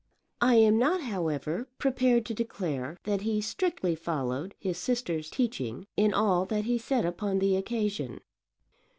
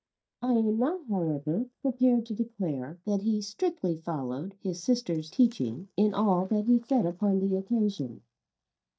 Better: first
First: none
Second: noise reduction (neural mask model DeepFilterNet 3)

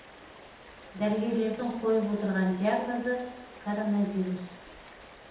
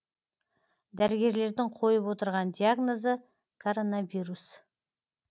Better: second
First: background sound (Rain); 18 dB below the speech // room echo; dies away in 0.9 s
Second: none

